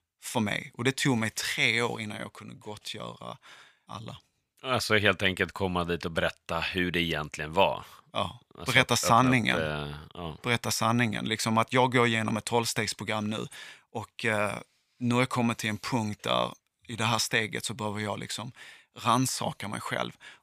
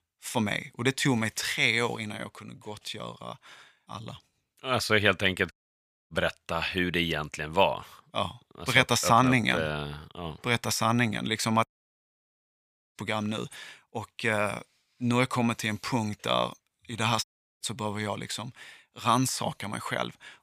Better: first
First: none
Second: audio cutting out; at 5.5 s for 0.5 s, at 12 s for 1.5 s and at 17 s

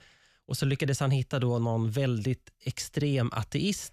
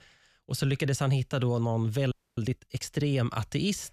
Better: first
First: none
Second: audio freezing; at 2 s

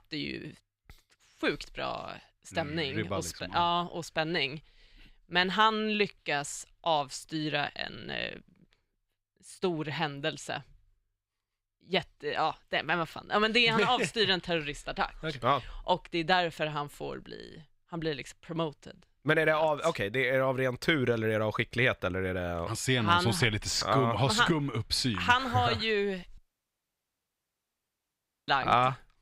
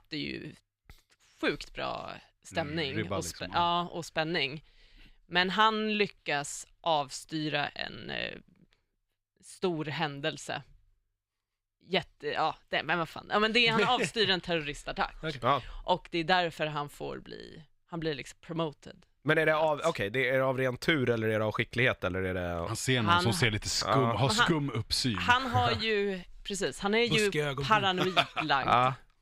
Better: second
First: audio cutting out; at 26 s for 2 s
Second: none

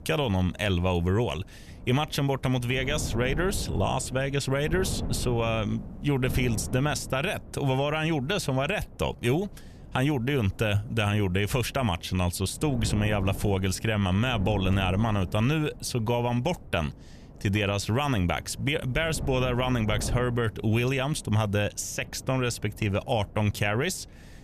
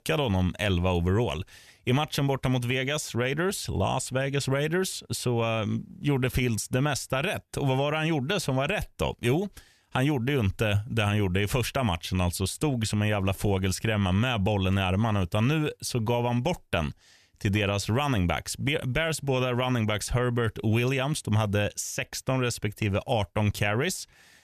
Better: second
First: wind noise on the microphone; occasional gusts; 20 dB below the speech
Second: none

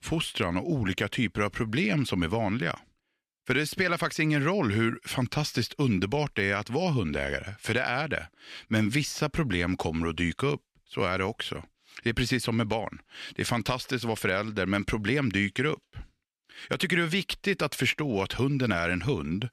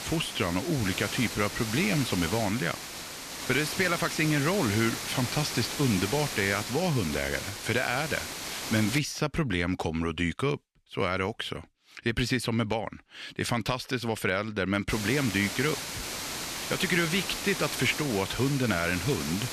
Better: first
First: none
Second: hiss; loud; until 9 s and from 15 s on; 5 dB below the speech

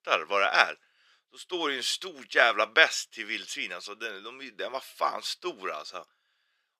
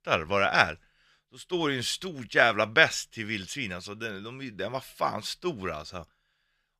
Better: second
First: thin; somewhat; fading below 350 Hz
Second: none

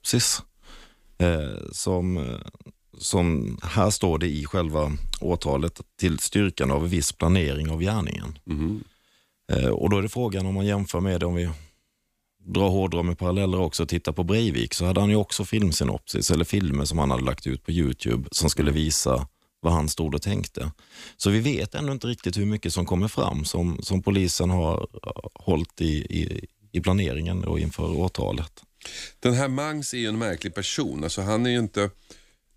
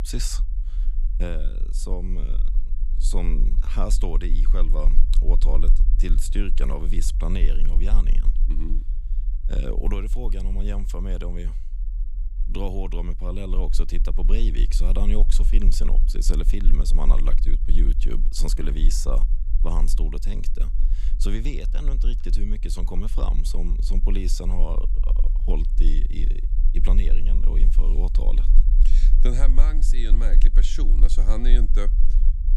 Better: first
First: none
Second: low rumble; noticeable; throughout; 15 dB below the speech

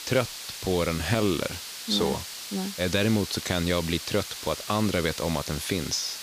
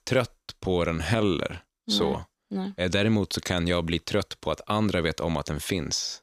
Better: second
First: hiss; loud; throughout; 8 dB below the speech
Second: none

